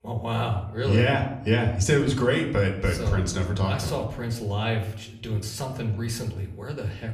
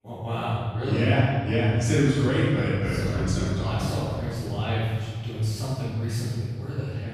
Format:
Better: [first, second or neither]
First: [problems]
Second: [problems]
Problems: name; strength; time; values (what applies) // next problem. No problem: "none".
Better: first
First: room echo; slight; dies away in 0.6 s // off-mic speech; somewhat distant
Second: room echo; strong; dies away in 2.3 s // off-mic speech; far